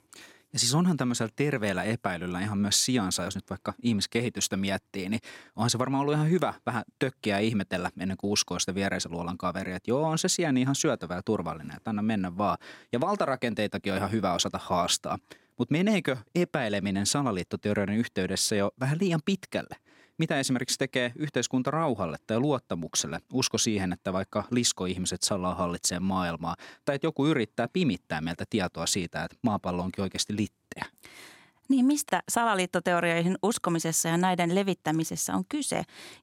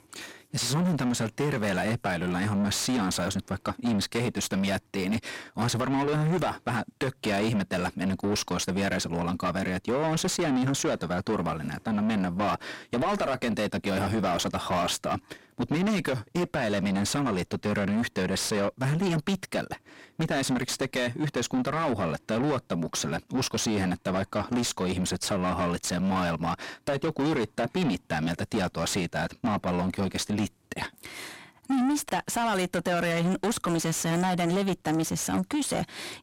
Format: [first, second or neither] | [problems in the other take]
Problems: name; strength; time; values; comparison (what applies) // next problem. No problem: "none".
first | distortion; heavy; 6 dB below the speech